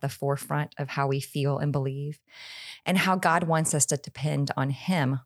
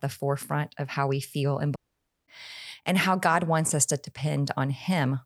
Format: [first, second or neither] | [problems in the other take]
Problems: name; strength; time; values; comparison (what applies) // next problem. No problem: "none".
first | audio cutting out; at 2 s for 0.5 s